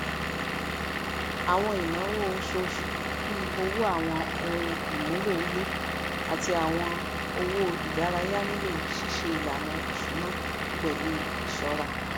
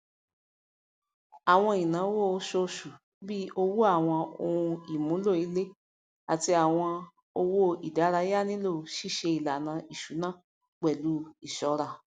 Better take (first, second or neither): second